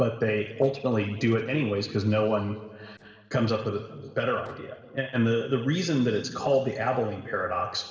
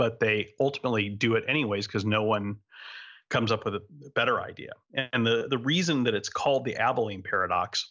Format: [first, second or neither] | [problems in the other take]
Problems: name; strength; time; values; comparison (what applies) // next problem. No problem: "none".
second | noise reduction (neural separator model SepFormer DNS4)